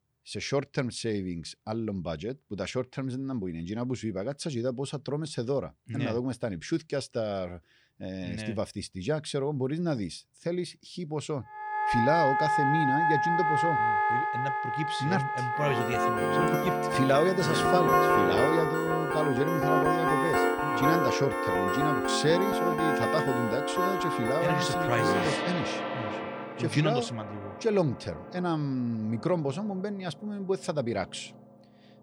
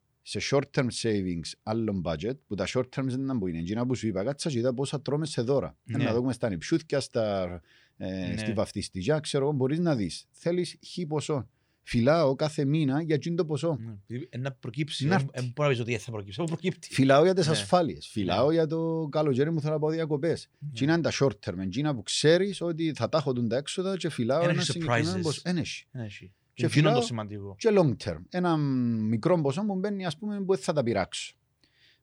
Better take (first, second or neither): second